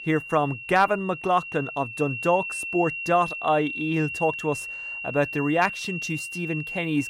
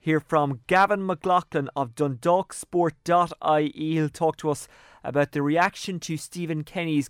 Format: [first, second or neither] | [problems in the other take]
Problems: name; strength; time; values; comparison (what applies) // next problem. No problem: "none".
second | high-pitched whine; loud; throughout; 2.5 kHz, 6 dB below the speech